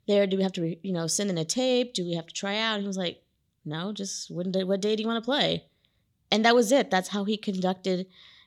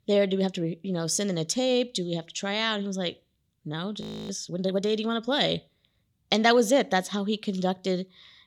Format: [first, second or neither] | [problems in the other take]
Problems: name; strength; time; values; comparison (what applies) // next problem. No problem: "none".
first | audio freezing; at 4 s